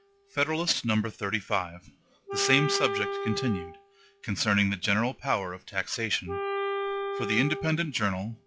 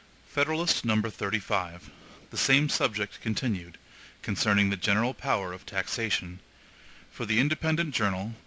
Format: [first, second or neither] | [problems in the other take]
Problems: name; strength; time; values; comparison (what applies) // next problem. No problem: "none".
second | noise reduction (classical method log-MMSE)